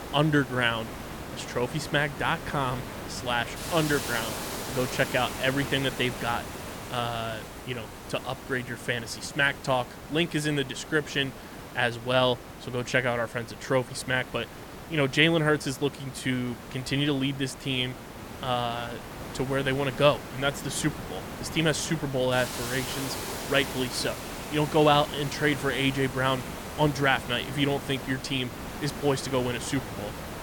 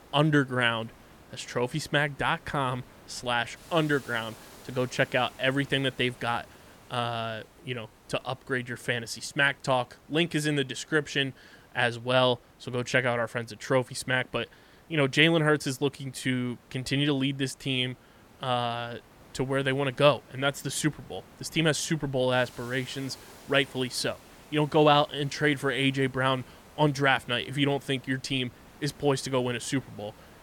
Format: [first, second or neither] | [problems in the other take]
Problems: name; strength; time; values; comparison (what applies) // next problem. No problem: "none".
second | hiss; loud; throughout; 10 dB below the speech; faint in the second